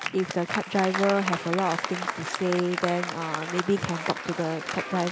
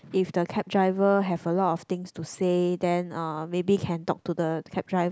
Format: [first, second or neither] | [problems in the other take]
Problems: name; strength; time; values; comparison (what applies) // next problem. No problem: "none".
second | background sound (Applause); 5 dB below the speech